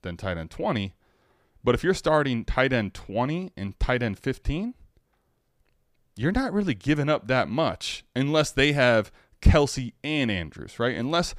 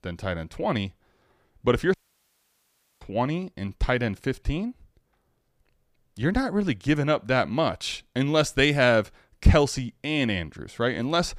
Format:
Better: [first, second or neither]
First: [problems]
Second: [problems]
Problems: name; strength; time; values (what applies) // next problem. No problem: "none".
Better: first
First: none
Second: audio cutting out; at 2 s for 1 s